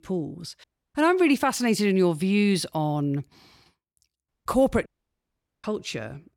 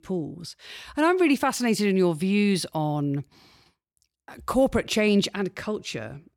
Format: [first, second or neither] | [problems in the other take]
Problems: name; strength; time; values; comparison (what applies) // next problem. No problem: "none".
second | audio cutting out; at 0.5 s, at 4.5 s and at 5 s for 1 s